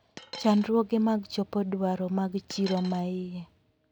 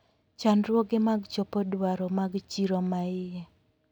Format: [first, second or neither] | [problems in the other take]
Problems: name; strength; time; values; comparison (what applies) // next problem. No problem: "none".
second | background sound (Coin (dropping)); 15 dB below the speech